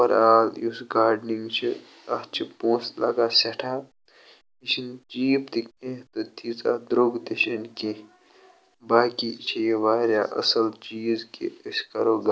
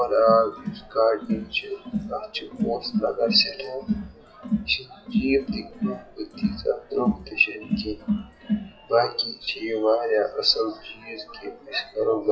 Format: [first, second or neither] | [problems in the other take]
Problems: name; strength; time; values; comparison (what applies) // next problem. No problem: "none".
first | noise reduction (classical method WPE with log-MMSE)